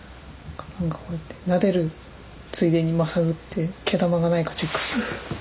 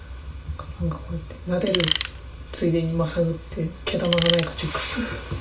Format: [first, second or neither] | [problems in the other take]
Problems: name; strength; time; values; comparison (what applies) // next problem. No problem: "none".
first | background sound (Tools); 1 dB below the speech // room echo; dies away in 0.3 s